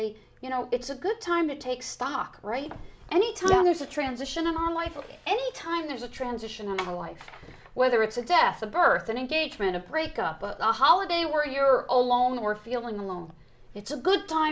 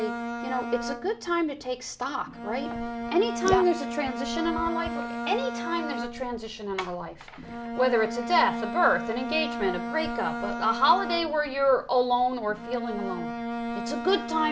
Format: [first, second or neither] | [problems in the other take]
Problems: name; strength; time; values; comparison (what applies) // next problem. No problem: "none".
first | background sound (Bowed string instrument); 6 dB below the speech